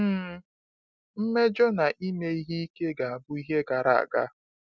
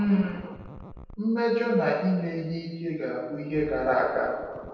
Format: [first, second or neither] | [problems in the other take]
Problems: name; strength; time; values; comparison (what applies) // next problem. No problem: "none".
first | background sound (Scratching (performance technique)); 18 dB below the speech // room echo; dies away in 1.1 s